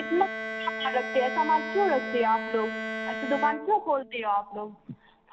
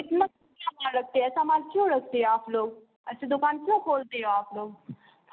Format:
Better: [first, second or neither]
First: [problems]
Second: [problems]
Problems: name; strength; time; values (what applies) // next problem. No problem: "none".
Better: second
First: background sound (Bowed string instrument); 7 dB below the speech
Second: none